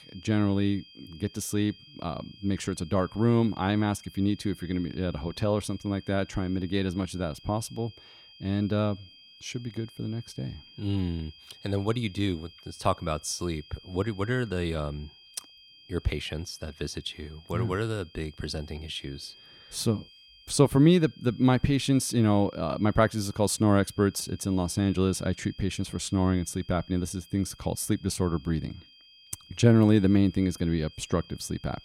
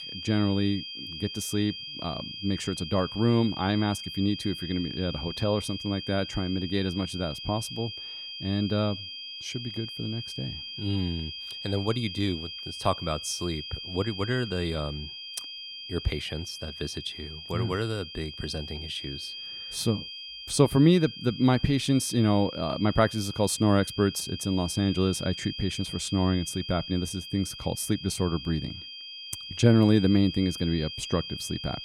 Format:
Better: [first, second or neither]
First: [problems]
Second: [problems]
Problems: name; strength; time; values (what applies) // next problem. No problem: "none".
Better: first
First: high-pitched whine; faint; throughout; 3 kHz, 25 dB below the speech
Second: high-pitched whine; loud; throughout; 3 kHz, 9 dB below the speech